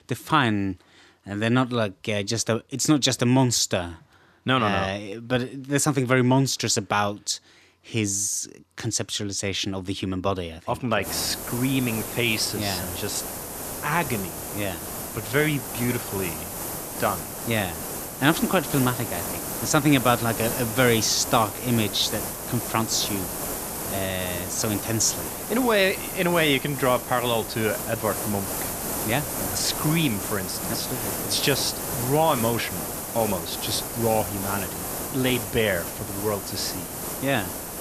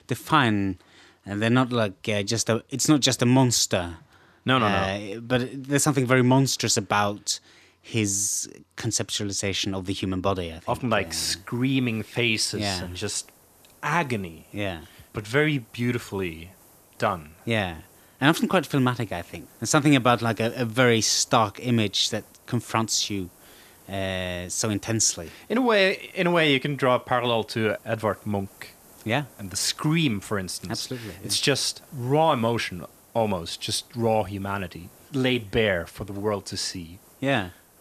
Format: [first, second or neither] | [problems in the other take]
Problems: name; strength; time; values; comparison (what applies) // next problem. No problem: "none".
second | hiss; loud; from 11 s on; 5 dB below the speech; faint in the second